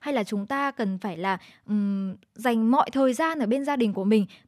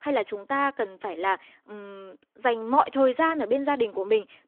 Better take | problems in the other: first | phone-call audio

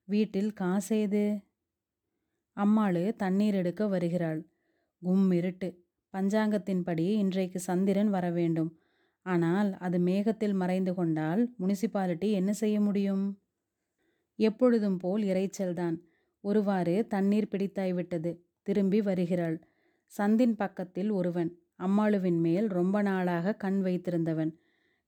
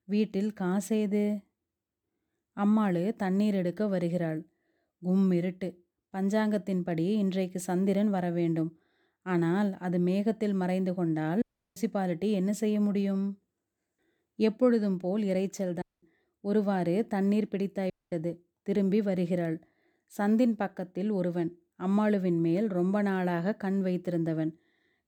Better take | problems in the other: first | audio cutting out; at 11 s, at 16 s and at 18 s

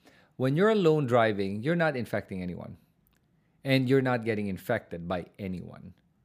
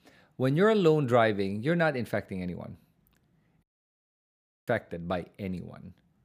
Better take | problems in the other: first | audio cutting out; at 3.5 s for 1 s

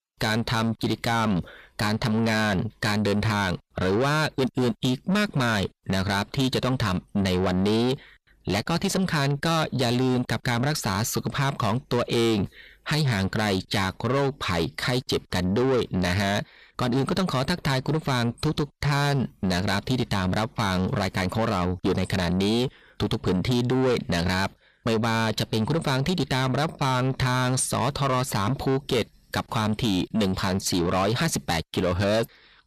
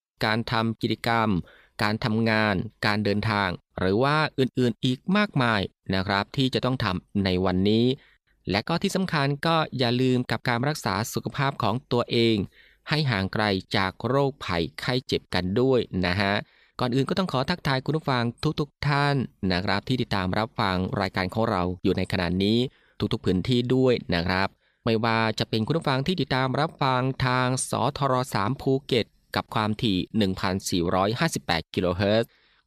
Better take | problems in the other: second | distortion; heavy; 8 dB below the speech

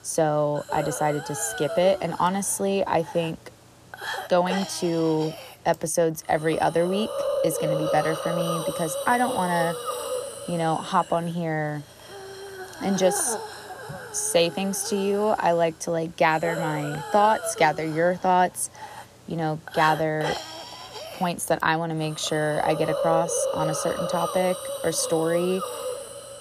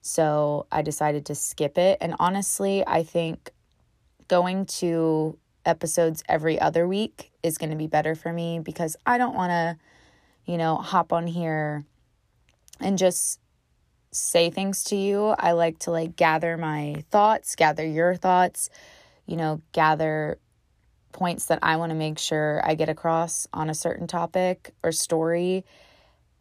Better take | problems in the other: second | hiss; loud; throughout; 7 dB below the speech

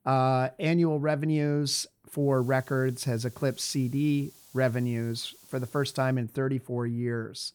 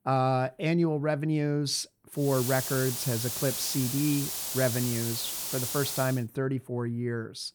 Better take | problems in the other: first | hiss; loud; from 2.5 to 6 s; 2 dB below the speech; faint in the first

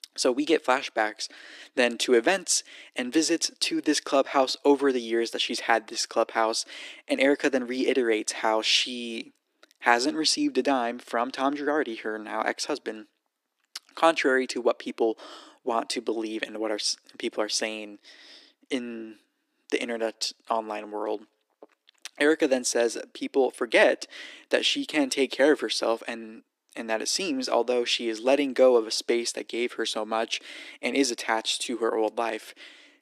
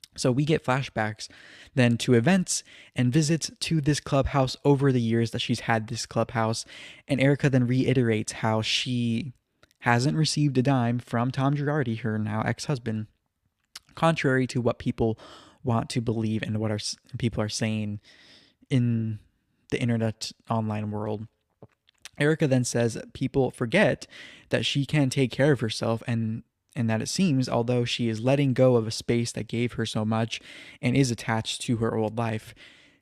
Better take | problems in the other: second | thin; somewhat; fading below 300 Hz

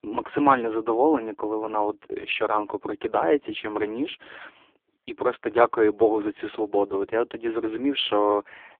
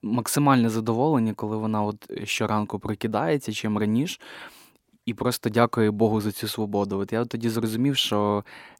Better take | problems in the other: second | phone-call audio; poor line; nothing above 3.5 kHz

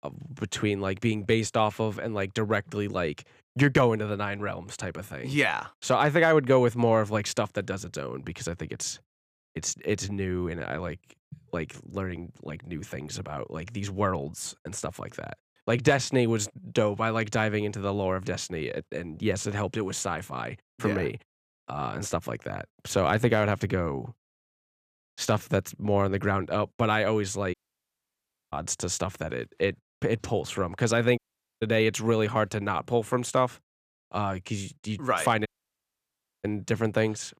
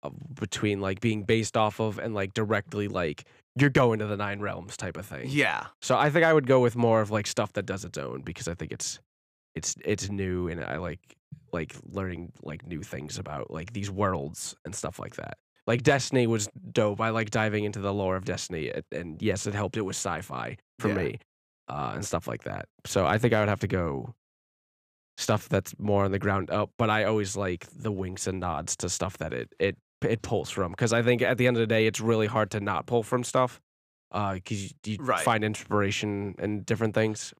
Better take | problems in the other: second | audio cutting out; at 28 s for 1 s, at 31 s and at 35 s for 1 s

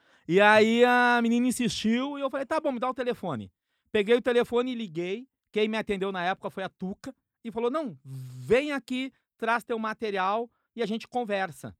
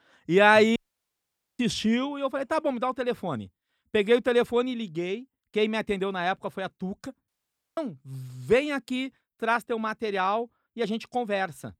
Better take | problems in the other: first | audio cutting out; at 1 s for 1 s and at 7.5 s

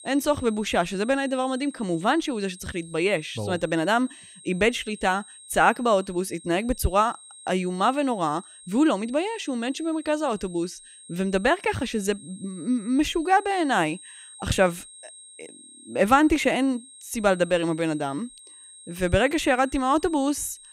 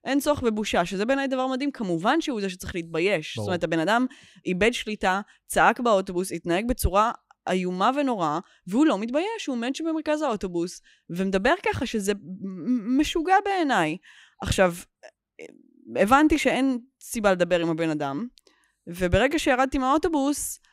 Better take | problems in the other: second | high-pitched whine; noticeable; throughout; 8.5 kHz, 20 dB below the speech

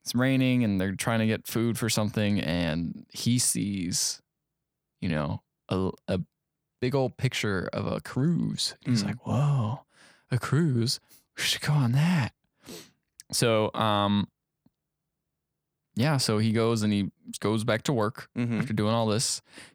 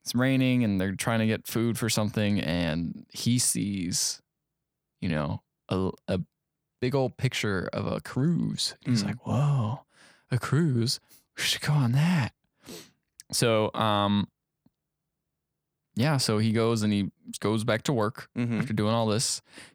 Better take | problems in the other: neither | none

